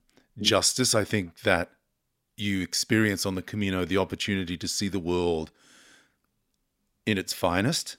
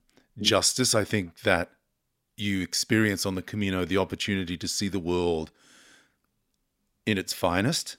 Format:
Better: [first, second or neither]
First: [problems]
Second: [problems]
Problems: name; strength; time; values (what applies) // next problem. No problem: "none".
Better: neither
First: none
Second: none